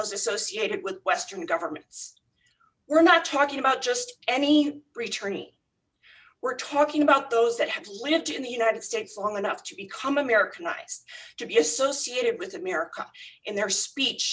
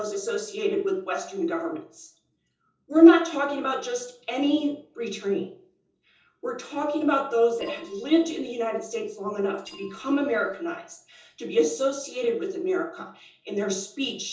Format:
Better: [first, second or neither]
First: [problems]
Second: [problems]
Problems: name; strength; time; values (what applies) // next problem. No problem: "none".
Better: first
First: none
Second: noise reduction (neural separator model SepFormer DNS4)